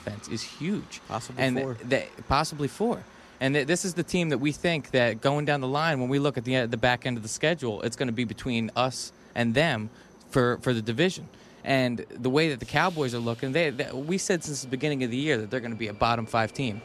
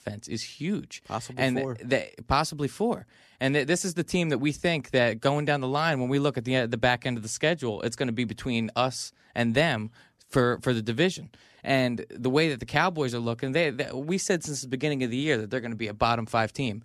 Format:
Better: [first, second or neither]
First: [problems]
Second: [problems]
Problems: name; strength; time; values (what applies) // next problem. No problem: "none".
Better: second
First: train or aircraft noise; faint; throughout; 25 dB below the speech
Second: none